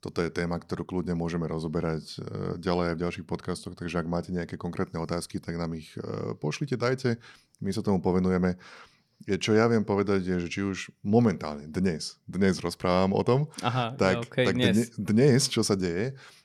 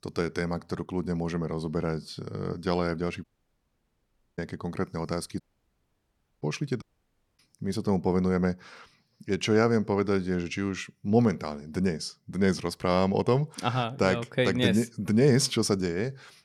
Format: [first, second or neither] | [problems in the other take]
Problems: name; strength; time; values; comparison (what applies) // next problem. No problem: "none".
first | audio cutting out; at 3 s for 1 s, at 5.5 s for 1 s and at 7 s for 0.5 s